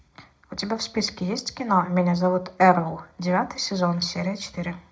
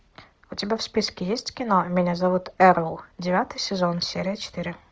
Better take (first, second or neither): second